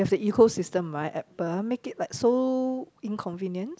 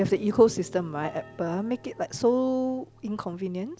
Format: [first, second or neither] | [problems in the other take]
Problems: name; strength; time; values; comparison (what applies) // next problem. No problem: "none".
first | background sound (Piano); 19 dB below the speech